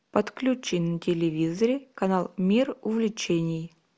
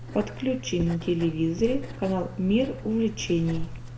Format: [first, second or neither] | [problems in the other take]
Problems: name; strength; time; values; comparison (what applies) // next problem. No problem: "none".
first | background sound (Writing); 9 dB below the speech // room echo; dies away in 0.6 s